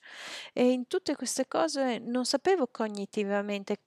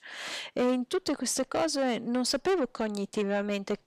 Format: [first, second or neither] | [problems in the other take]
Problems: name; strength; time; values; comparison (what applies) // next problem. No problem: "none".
first | distortion; slight; 10 dB below the speech